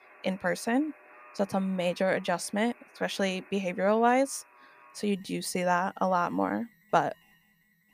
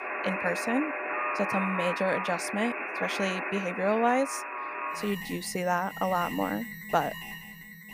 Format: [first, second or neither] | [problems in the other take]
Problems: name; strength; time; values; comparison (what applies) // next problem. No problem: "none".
first | alarms or sirens; loud; throughout; 3 dB below the speech; faint in the first